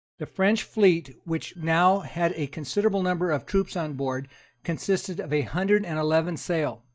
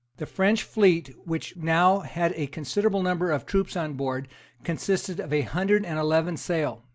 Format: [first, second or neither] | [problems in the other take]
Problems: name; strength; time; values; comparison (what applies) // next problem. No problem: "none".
second | noise reduction (neural mask model DeepFilterNet 3)